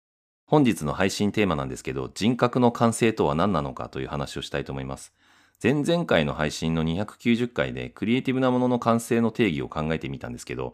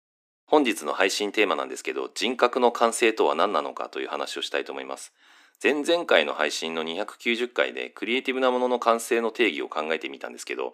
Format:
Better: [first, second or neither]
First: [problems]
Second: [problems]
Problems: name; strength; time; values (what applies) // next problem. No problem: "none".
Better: first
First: none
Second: thin; somewhat; fading below 300 Hz